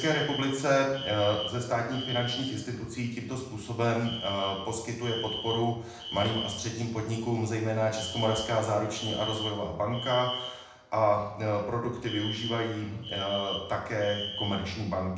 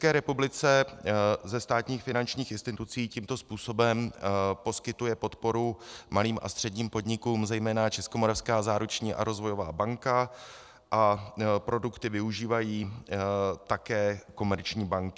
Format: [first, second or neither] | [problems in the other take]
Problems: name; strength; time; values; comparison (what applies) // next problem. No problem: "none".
second | background sound (Alarm); 10 dB below the speech // room echo; dies away in 0.8 s